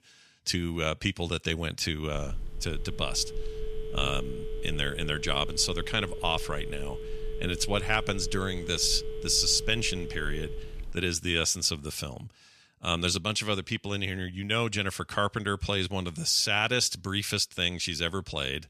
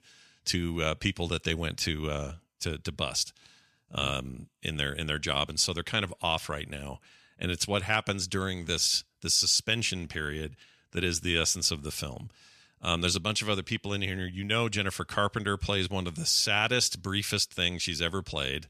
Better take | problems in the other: second | phone ringing; noticeable; from 2 to 11 s; peak 9 dB below the speech

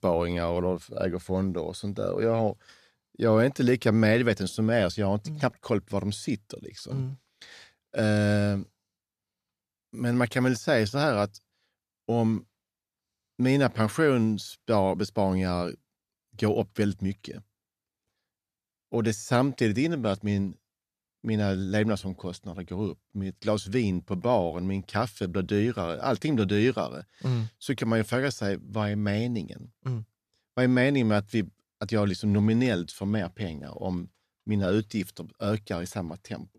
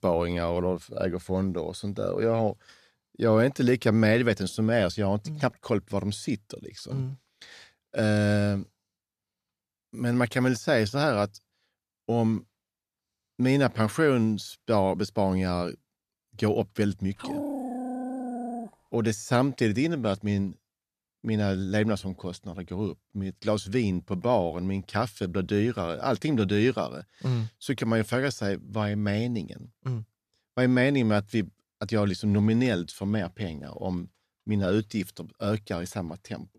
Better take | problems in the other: first | dog barking; noticeable; from 17 to 19 s; peak 5 dB below the speech

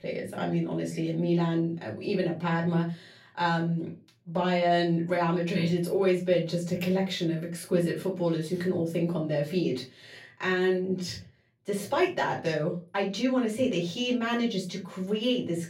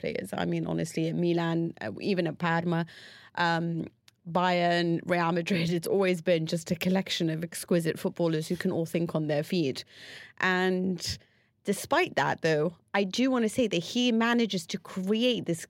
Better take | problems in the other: second | off-mic speech; far // room echo; slight; dies away in 0.3 s

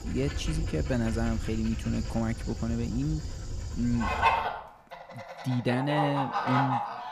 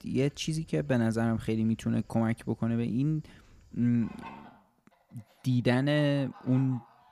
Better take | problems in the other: second | animal sounds; loud; throughout; 1 dB below the speech; faint in the second

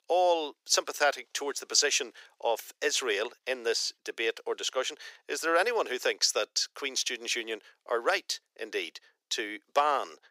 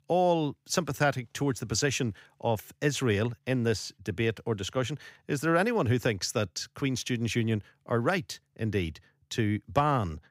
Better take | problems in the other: second | thin; very; fading below 400 Hz

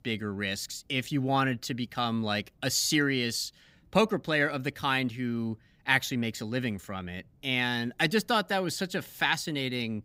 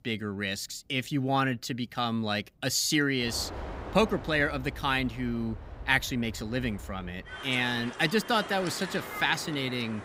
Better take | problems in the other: first | train or aircraft noise; noticeable; from 3 s on; 10 dB below the speech

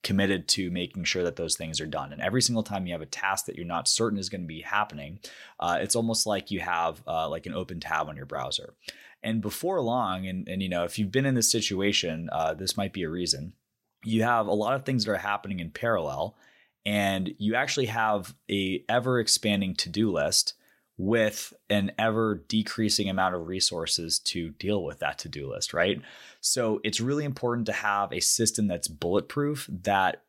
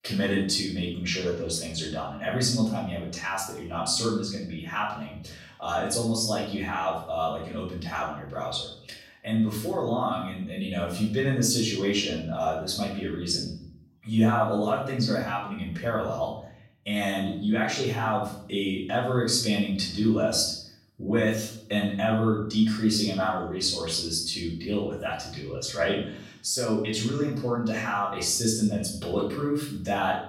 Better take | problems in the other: first | off-mic speech; far // room echo; noticeable; dies away in 0.6 s

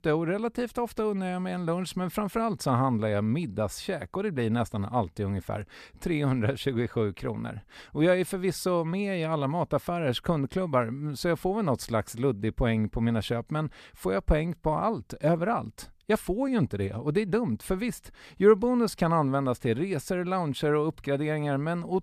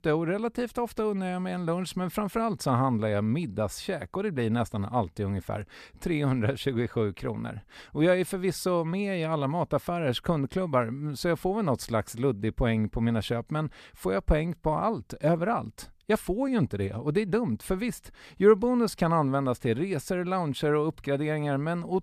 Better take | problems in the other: neither | none

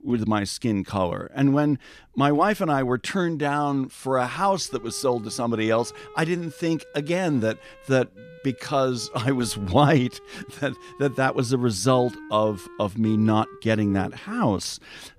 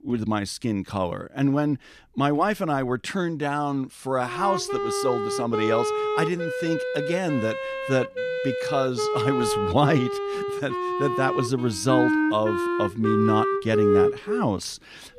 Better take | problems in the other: first | background music; loud; from 4.5 s on; as loud as the speech; faint in the first

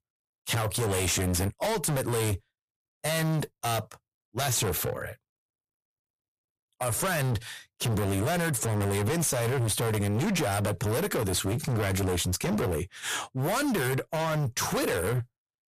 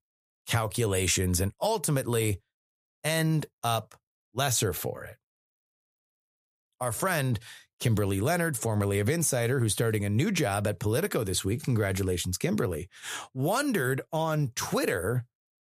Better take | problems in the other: second | distortion; heavy; 29% of the sound clipped

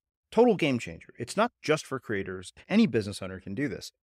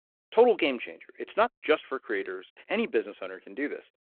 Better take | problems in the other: first | phone-call audio

